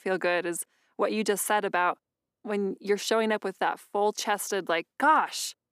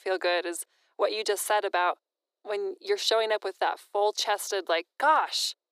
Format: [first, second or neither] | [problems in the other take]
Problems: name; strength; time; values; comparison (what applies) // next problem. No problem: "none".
first | thin; very; fading below 350 Hz